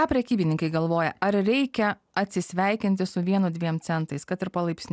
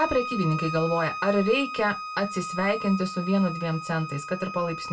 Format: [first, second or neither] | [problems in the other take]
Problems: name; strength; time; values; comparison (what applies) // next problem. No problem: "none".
first | background sound (Bowed string instrument); 8 dB below the speech // room echo; dies away in 0.1 s